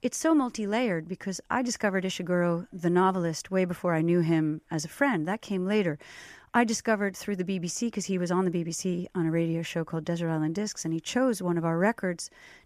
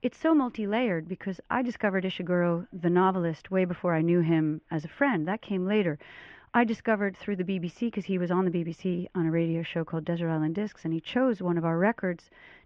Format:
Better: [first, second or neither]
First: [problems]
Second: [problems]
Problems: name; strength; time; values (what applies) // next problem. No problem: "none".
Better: first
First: none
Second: muffled; very; fading above 3 kHz